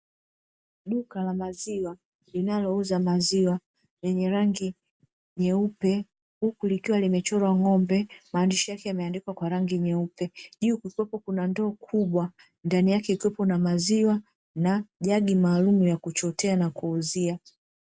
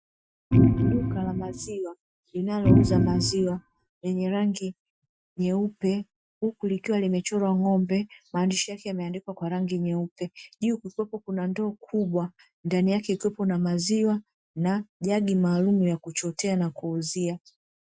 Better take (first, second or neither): first